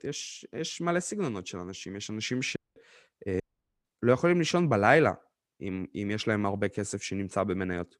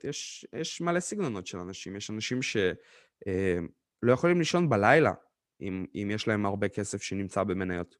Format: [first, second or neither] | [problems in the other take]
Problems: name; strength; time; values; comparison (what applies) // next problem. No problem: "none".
second | audio cutting out; at 2.5 s and at 3.5 s